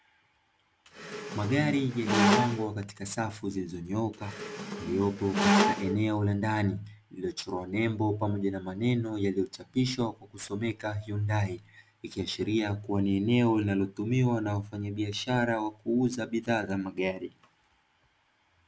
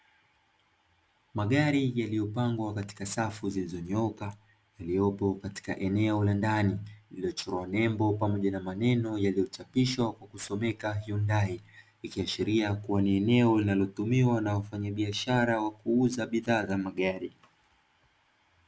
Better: second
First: background sound (Squeak); 1 dB above the speech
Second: none

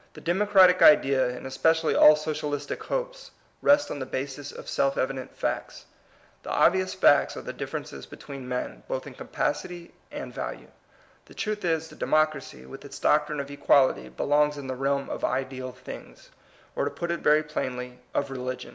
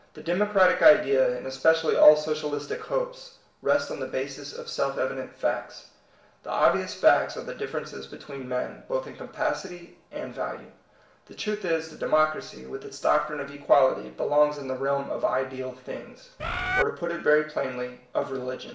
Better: first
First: none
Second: background sound (Bird); 1 dB below the speech // room echo; dies away in 0.5 s

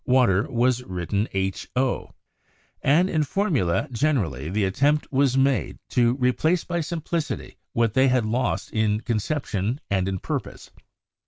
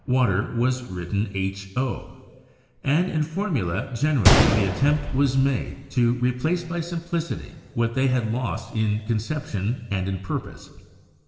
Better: first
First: none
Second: background sound (Gunshot, gunfire); 6 dB below the speech // room echo; dies away in 1.6 s

